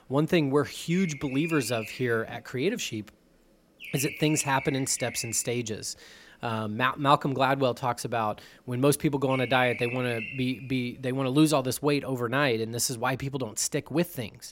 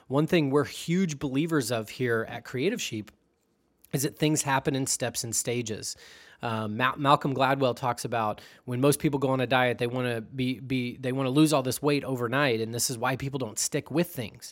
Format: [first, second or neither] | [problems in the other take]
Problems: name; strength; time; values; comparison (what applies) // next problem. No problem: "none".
second | animal sounds; noticeable; throughout; 10 dB below the speech